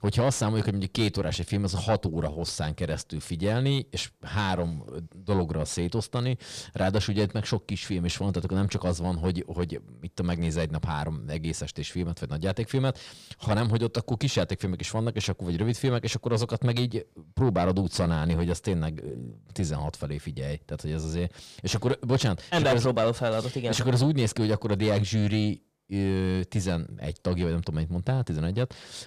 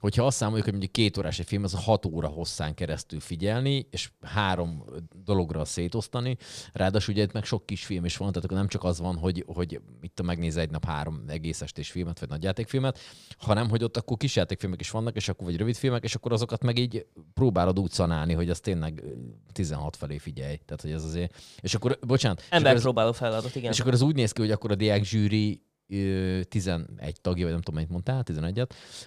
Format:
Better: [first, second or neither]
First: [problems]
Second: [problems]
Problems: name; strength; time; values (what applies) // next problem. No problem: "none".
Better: second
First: distortion; slight; 10 dB below the speech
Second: none